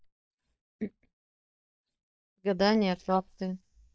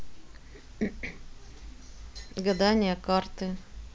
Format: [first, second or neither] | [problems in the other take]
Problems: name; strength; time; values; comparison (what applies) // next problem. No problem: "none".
second | noise reduction (neural mask model DeepFilterNet 3)